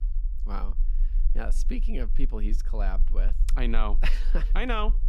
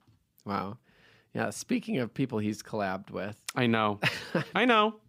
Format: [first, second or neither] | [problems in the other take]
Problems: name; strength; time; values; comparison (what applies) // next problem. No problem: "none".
second | low rumble; faint; throughout; 20 dB below the speech